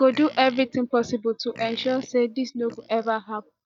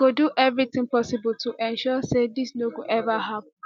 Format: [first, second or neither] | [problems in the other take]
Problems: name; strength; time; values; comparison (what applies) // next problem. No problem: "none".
second | noise reduction (neural mask model DeepFilterNet 3)